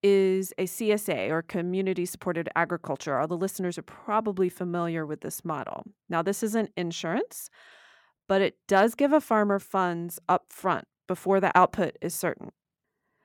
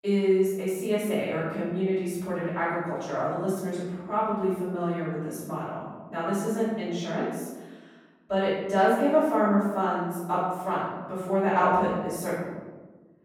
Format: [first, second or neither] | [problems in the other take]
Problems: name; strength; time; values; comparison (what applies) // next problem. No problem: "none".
first | off-mic speech; far // room echo; strong; dies away in 1.2 s